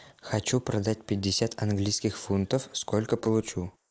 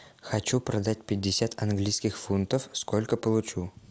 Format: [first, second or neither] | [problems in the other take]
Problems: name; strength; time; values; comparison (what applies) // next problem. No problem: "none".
second | noise reduction (neural mask model Resemble Enhance denoiser)